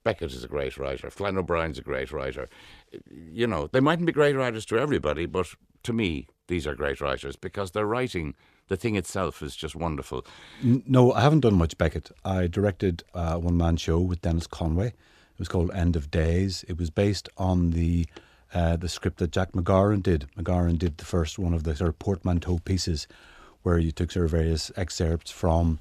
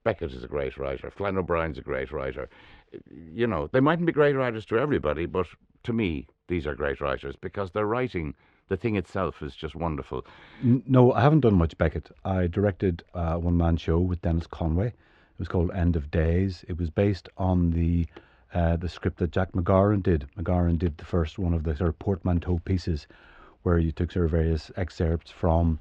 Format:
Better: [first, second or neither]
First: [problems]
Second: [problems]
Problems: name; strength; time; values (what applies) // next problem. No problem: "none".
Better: first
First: none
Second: muffled; slightly; fading above 2.5 kHz